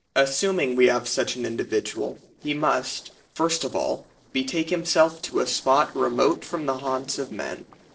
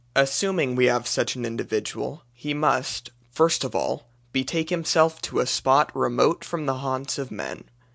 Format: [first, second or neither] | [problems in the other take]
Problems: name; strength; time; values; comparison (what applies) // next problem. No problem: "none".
second | noise reduction (neural separator model SepFormer DNS4)